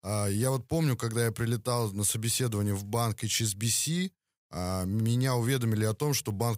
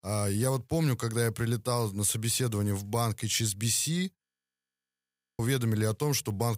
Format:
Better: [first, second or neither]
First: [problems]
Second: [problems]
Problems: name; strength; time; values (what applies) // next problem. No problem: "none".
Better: first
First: none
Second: audio freezing; at 4 s for 1 s